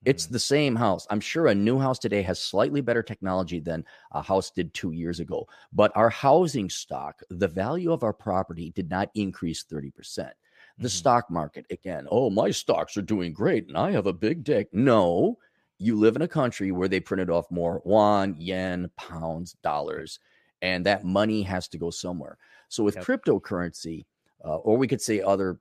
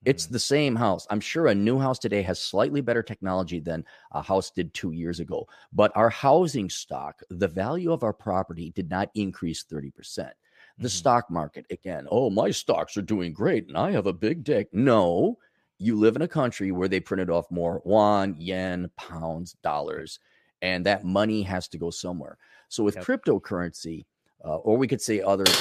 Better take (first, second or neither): first